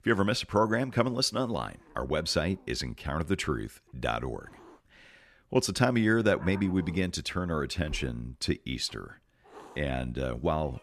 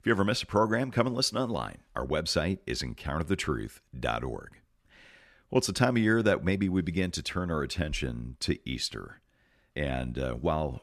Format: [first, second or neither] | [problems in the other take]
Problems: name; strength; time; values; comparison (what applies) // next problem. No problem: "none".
second | hiss; faint; throughout; 25 dB below the speech